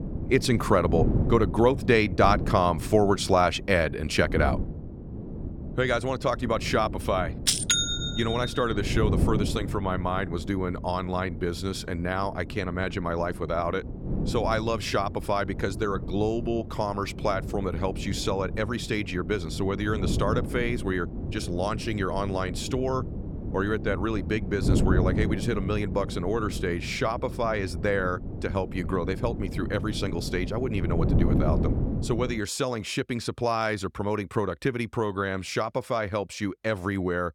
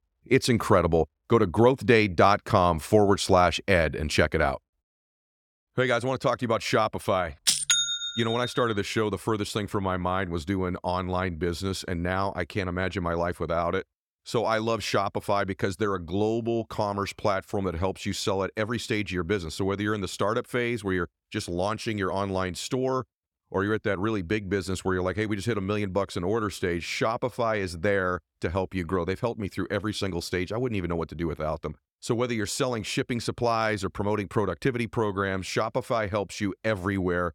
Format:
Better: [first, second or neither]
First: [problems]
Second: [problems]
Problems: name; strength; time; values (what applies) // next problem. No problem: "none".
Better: second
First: wind noise on the microphone; occasional gusts; until 32 s; 10 dB below the speech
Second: none